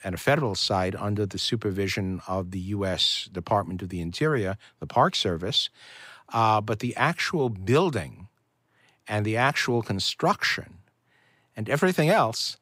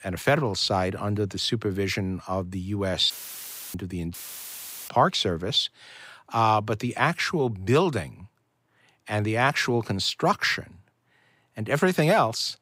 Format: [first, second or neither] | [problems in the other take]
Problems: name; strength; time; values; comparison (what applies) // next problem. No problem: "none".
first | audio cutting out; filled with static; at 3 s for 0.5 s and at 4 s for 1 s